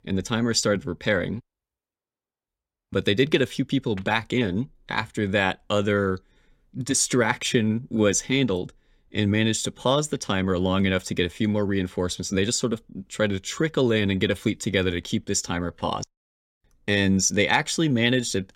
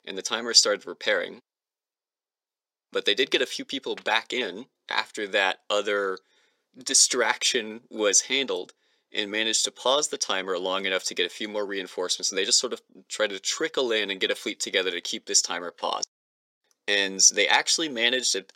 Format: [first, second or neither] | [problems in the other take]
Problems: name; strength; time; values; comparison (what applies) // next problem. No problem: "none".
first | thin; very; fading below 400 Hz